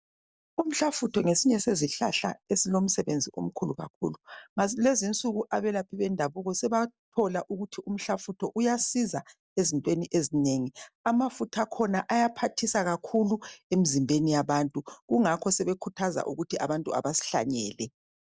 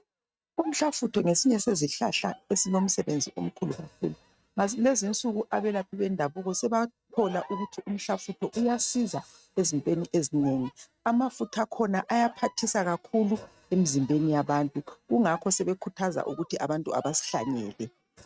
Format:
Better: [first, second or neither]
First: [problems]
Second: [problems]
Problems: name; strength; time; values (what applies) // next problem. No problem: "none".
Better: first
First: none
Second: noise reduction (neural mask model RNNoise)